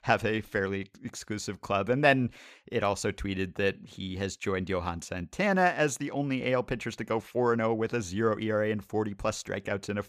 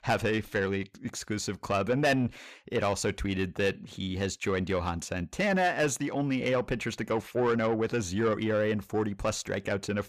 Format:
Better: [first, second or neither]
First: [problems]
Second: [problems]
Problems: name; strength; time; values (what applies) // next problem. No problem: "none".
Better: first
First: none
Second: distortion; slight; 10 dB below the speech